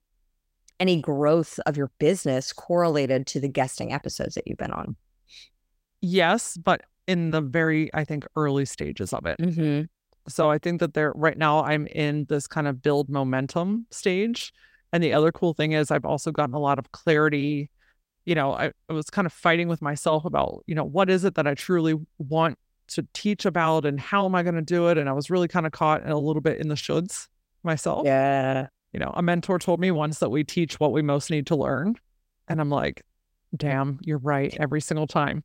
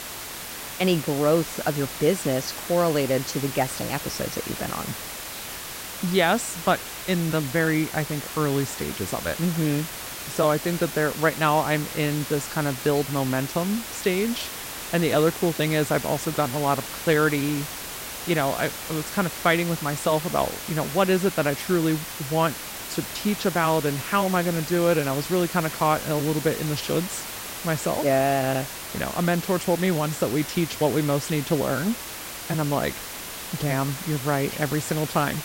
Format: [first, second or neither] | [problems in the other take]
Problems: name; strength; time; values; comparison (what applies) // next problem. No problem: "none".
first | hiss; loud; throughout; 8 dB below the speech